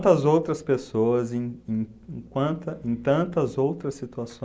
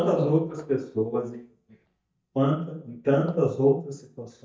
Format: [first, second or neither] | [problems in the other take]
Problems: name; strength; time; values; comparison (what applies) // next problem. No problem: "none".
first | noise reduction (neural mask model DeepFilterNet 3)